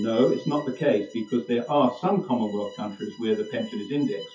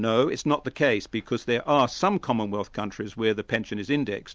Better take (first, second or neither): second